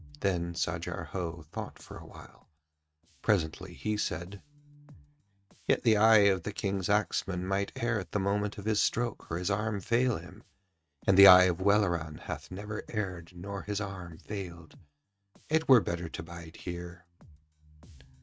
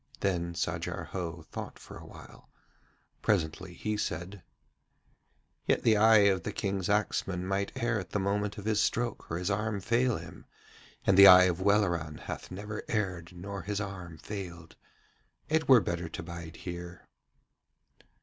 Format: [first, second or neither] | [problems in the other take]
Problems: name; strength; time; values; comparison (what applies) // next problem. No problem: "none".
second | noise reduction (neural mask model RNNoise)